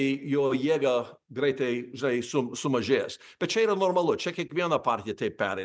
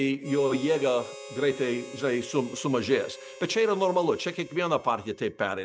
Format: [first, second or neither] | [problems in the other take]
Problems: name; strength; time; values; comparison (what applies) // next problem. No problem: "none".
first | background sound (Harmonica); 17 dB below the speech